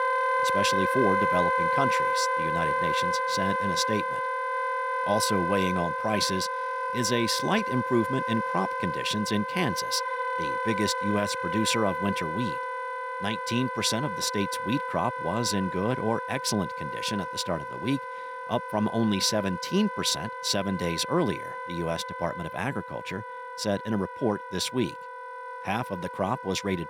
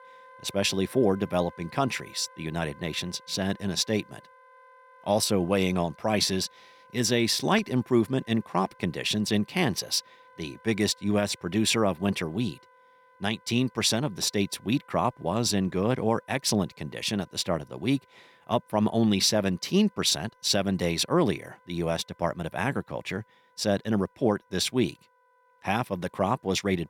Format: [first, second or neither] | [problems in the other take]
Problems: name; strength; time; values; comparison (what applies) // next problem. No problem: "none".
second | background music; loud; throughout; 1 dB below the speech; faint in the second